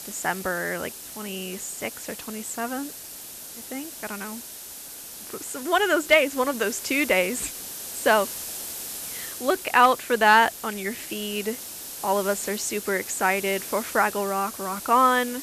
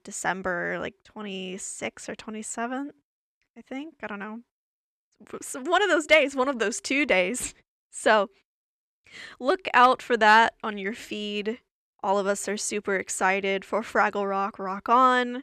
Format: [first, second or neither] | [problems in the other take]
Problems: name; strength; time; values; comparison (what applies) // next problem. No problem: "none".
second | hiss; noticeable; throughout; 10 dB below the speech